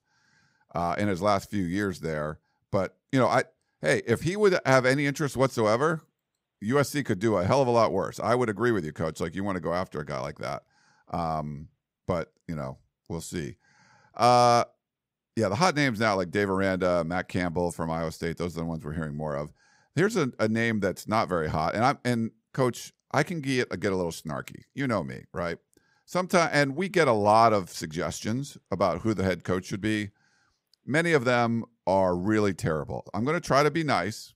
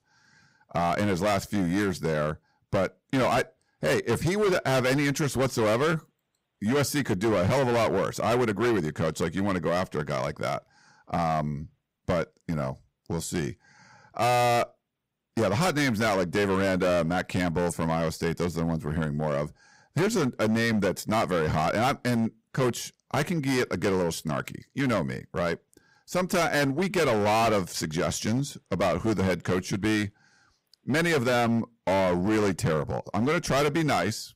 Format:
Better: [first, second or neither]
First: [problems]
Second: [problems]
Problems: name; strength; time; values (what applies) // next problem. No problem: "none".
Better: first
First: none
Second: distortion; heavy; 15% of the sound clipped